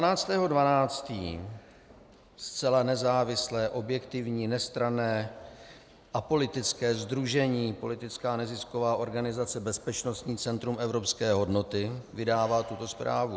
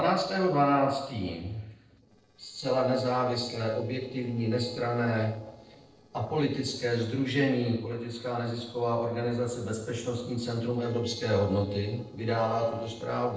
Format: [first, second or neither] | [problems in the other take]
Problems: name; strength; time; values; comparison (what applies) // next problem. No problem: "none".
first | noise reduction (neural separator model SepFormer DNS4)